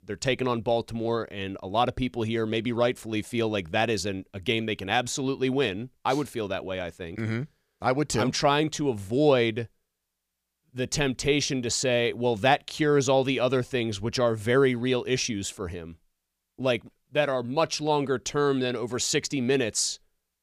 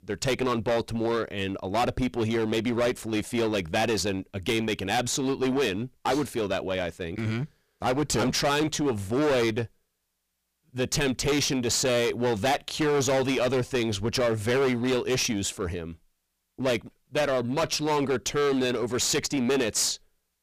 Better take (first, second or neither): first